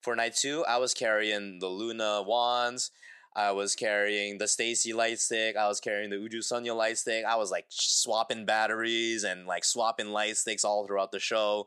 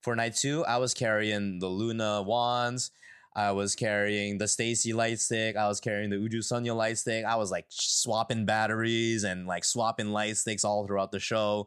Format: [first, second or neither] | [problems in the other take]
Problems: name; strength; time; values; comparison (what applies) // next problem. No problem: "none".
second | thin; somewhat; fading below 400 Hz